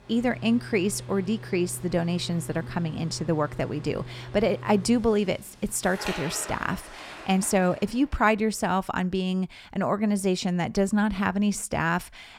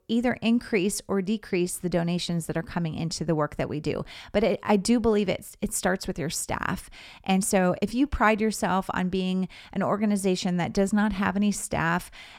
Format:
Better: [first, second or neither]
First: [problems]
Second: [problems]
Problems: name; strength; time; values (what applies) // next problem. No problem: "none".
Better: second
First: household noises; noticeable; until 7.5 s; 15 dB below the speech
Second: none